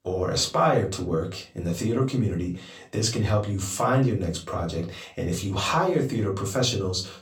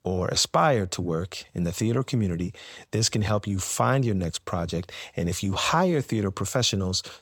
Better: second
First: off-mic speech; far // room echo; very slight; dies away in 0.3 s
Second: none

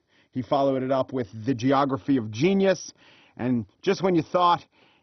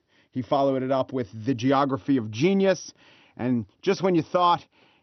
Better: second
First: garbled, watery; badly; nothing above 6 kHz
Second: garbled, watery; slightly; nothing above 6 kHz

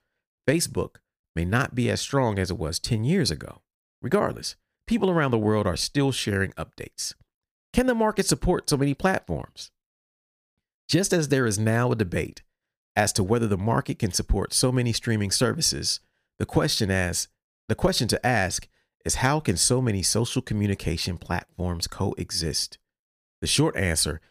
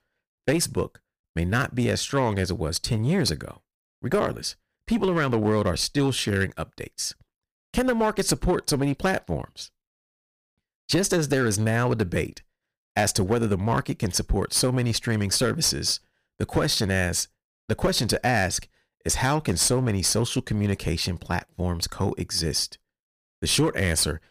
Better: first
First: none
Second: distortion; slight; 6% of the sound clipped

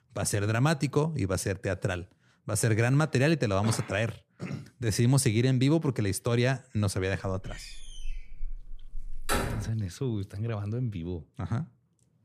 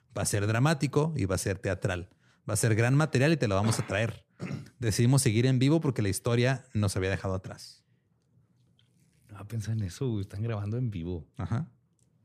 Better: second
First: door banging; noticeable; from 7.5 to 9.5 s; peak 2 dB below the speech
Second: none

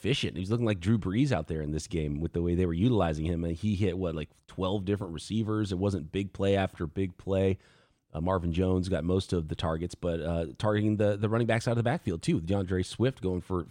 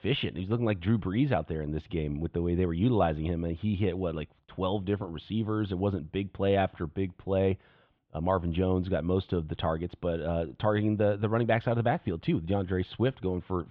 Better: first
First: none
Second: muffled; very; fading above 3.5 kHz

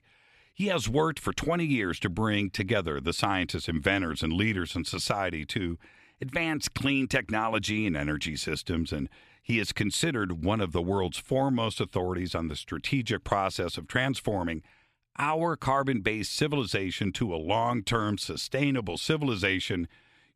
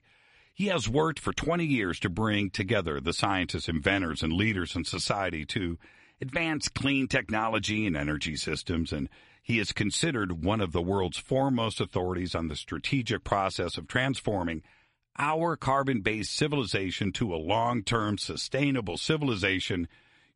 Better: first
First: none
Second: garbled, watery; slightly; nothing above 10.5 kHz

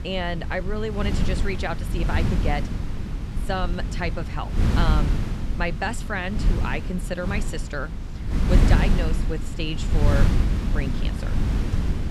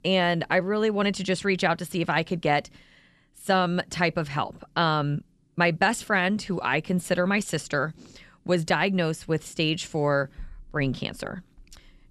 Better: second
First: wind noise on the microphone; heavy; 5 dB below the speech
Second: none

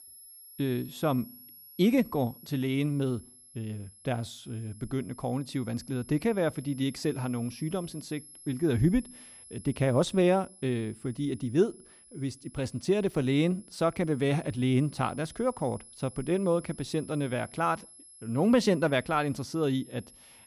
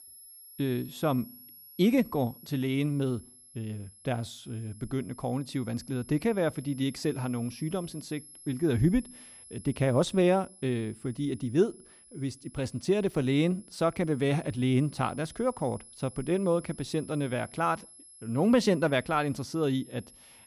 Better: neither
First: high-pitched whine; noticeable; throughout; 11 kHz, 20 dB below the speech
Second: high-pitched whine; noticeable; throughout; 11 kHz, 20 dB below the speech

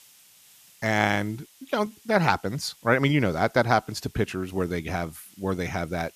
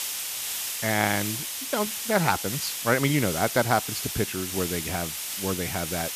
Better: first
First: hiss; faint; throughout; 25 dB below the speech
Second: hiss; loud; throughout; 3 dB below the speech

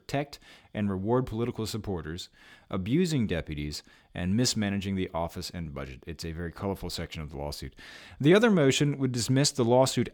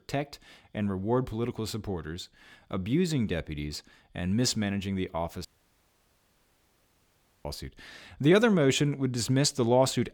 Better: first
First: none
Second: audio cutting out; at 5.5 s for 2 s

